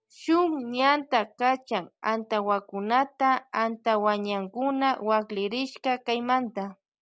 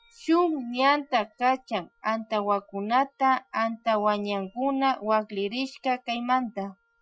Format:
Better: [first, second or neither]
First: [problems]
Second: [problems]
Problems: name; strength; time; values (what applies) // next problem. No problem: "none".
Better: first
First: none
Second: noise reduction (classical method Wiener filter)